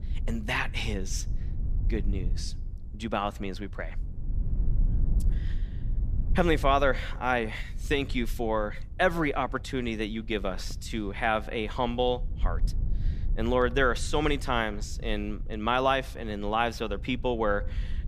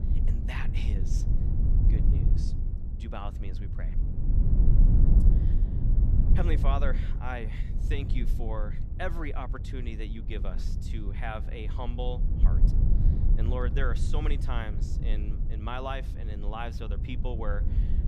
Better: first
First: low rumble; faint; throughout; 25 dB below the speech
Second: low rumble; loud; throughout; 6 dB below the speech

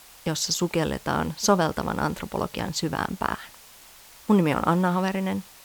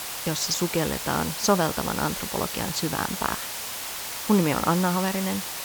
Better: first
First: hiss; faint; throughout; 20 dB below the speech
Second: hiss; loud; throughout; 5 dB below the speech

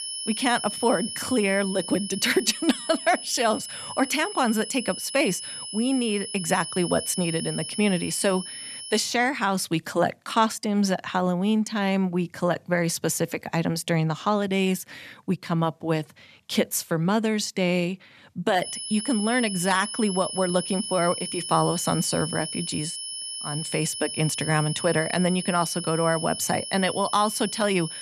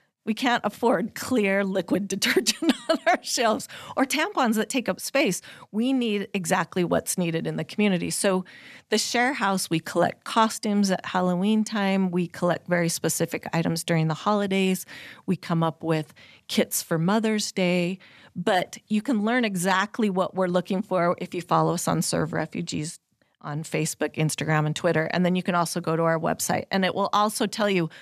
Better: second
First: high-pitched whine; loud; until 9 s and from 19 s on; 10.5 kHz, 7 dB below the speech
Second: none

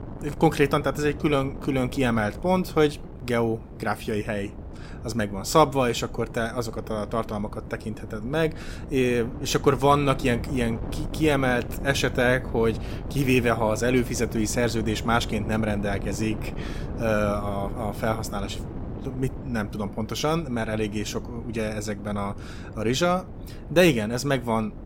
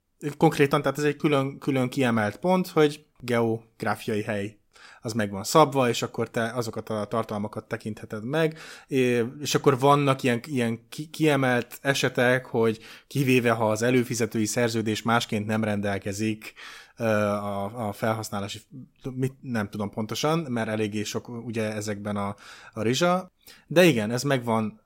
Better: second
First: wind noise on the microphone; occasional gusts; 15 dB below the speech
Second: none

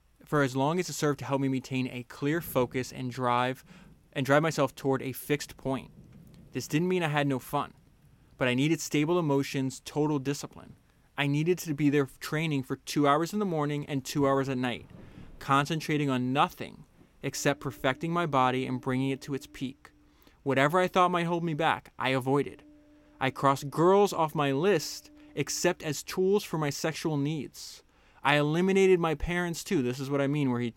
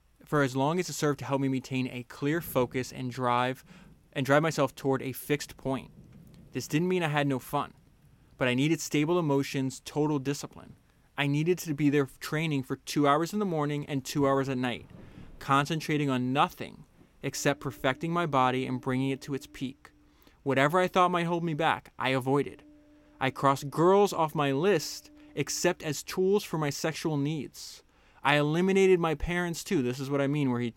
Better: neither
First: rain or running water; faint; throughout; 30 dB below the speech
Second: rain or running water; faint; throughout; 30 dB below the speech

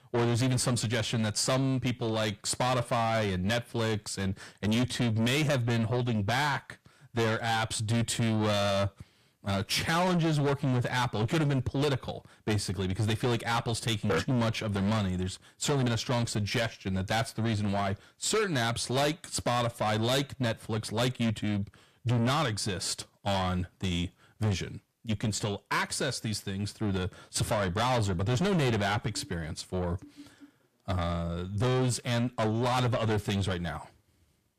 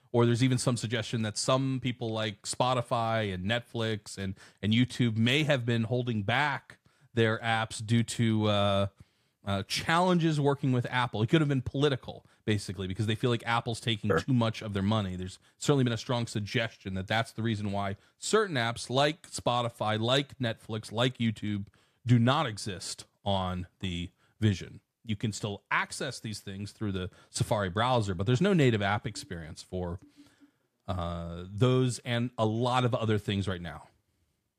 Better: second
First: distortion; heavy; 6 dB below the speech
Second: none

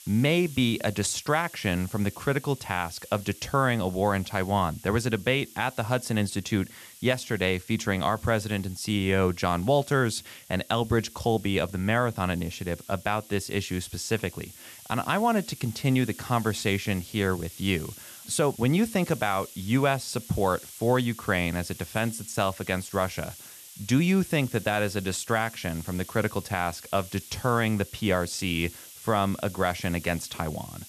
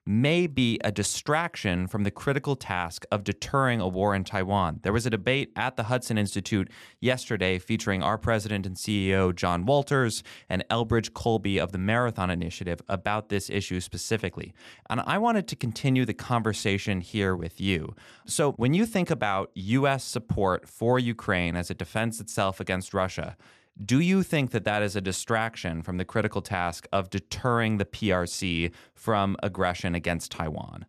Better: second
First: hiss; noticeable; throughout; 15 dB below the speech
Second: none

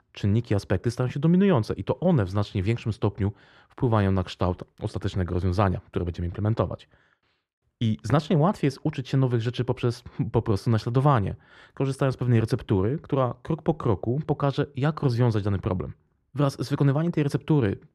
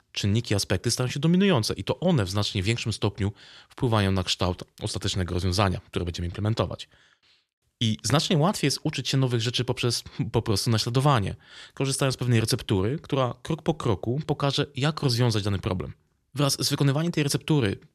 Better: second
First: muffled; very; fading above 2.5 kHz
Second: none

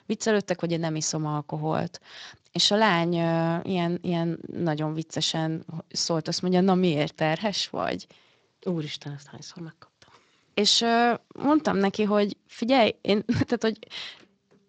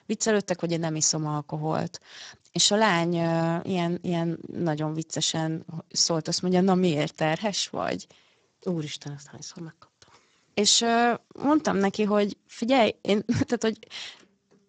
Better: first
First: garbled, watery; slightly; nothing above 7.5 kHz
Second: garbled, watery; badly; nothing above 7.5 kHz

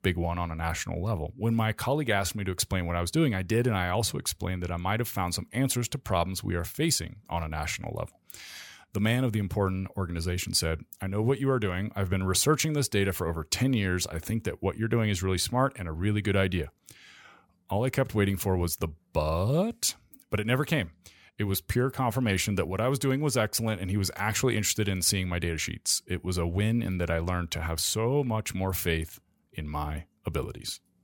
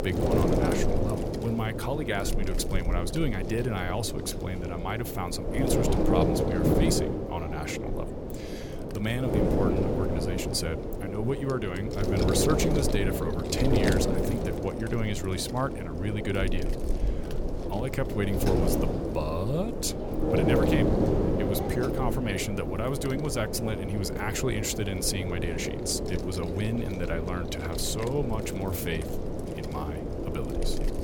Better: first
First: none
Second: wind noise on the microphone; heavy; 1 dB above the speech

